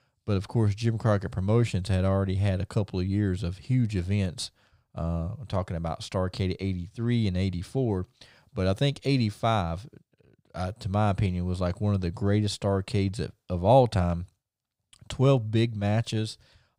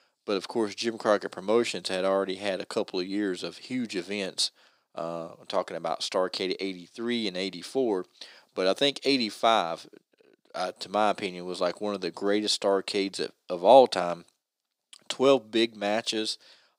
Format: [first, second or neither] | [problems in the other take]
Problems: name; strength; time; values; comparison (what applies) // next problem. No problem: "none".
first | thin; somewhat; fading below 300 Hz